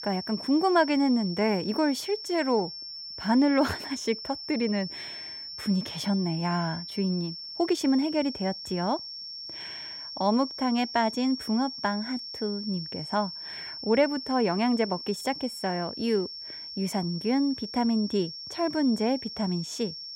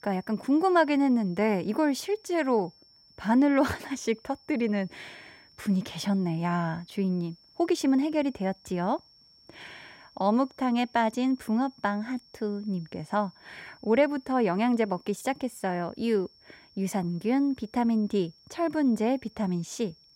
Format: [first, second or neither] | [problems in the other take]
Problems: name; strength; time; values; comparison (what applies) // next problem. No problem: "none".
second | high-pitched whine; loud; throughout; 5.5 kHz, 9 dB below the speech; faint in the second